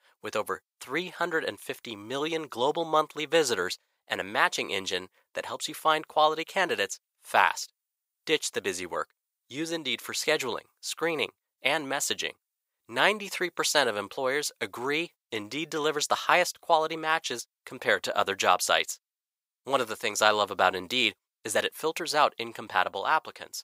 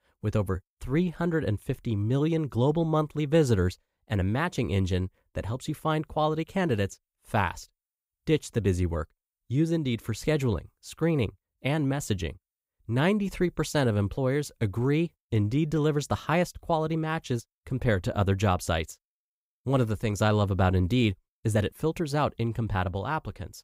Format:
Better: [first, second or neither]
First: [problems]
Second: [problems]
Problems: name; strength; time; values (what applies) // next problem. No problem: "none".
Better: second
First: thin; very; fading below 700 Hz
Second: none